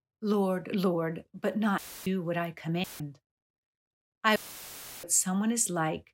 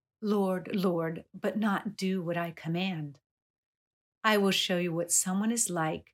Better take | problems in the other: second | audio cutting out; filled with static; at 2 s, at 3 s and at 4.5 s for 0.5 s

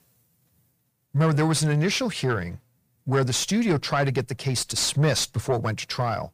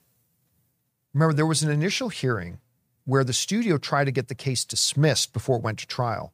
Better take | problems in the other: second | distortion; slight; 10 dB below the speech

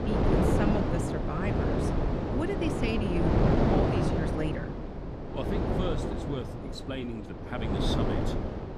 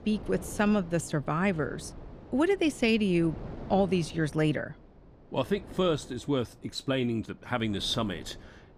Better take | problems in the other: second | wind noise on the microphone; heavy; 5 dB above the speech; occasional gusts in the second

